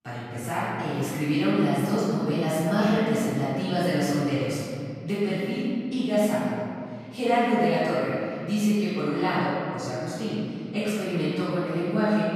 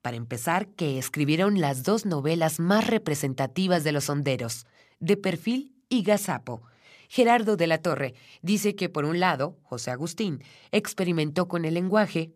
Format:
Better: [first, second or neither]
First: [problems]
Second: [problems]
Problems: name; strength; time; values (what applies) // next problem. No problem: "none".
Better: second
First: room echo; strong; dies away in 2.2 s // off-mic speech; far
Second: none